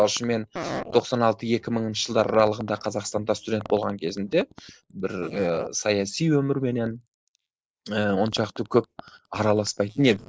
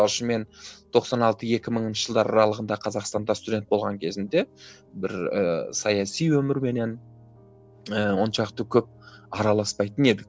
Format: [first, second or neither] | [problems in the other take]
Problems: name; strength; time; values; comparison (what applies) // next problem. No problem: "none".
second | noise reduction (neural mask model Resemble Enhance denoiser)